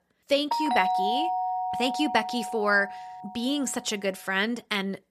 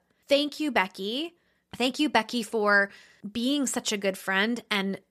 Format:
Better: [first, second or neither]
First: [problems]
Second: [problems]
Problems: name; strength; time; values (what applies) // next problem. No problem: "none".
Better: second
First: doorbell; loud; from 0.5 to 3.5 s; peak 2 dB above the speech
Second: none